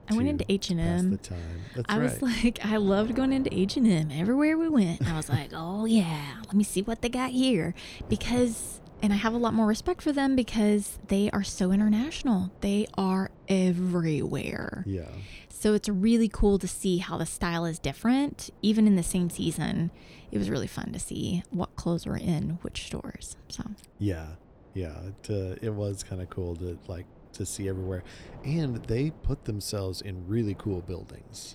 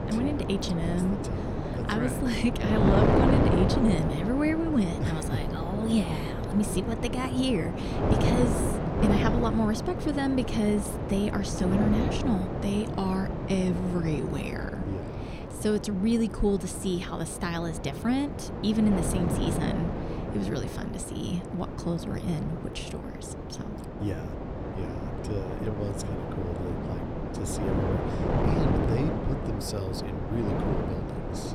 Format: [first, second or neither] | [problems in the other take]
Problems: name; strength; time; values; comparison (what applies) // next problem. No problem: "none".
first | wind noise on the microphone; heavy; as loud as the speech; occasional gusts in the first